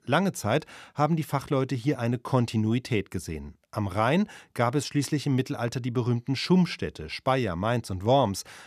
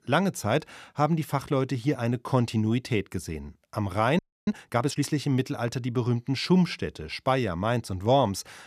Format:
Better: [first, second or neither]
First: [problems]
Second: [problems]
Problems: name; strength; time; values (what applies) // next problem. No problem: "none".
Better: first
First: none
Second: audio freezing; at 4 s